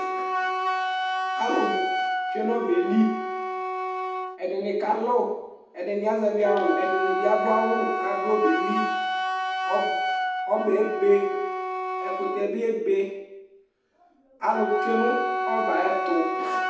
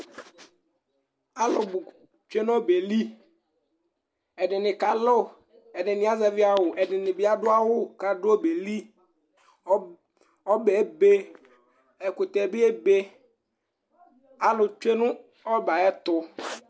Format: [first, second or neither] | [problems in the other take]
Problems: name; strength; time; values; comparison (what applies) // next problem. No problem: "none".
second | background sound (Wind instrument, woodwind instrument); 2 dB below the speech // room echo; dies away in 0.8 s